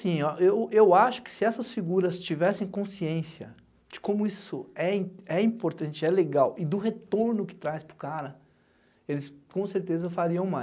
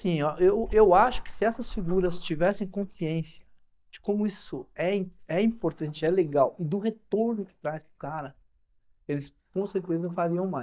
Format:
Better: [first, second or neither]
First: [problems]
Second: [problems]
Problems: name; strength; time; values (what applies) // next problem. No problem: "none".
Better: first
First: none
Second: noise reduction (neural mask model DeepFilterNet 3)